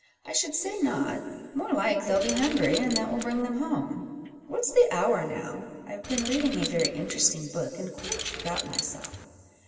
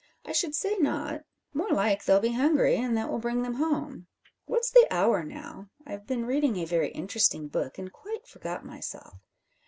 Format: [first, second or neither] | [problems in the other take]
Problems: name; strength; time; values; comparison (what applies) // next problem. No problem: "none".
second | background sound (Keys jangling); 7 dB below the speech // room echo; dies away in 2.4 s